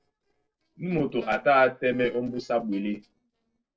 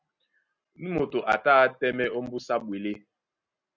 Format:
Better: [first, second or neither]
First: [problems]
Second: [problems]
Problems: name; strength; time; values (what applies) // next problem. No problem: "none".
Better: second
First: noise reduction (neural separator model SepFormer DNS4)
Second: none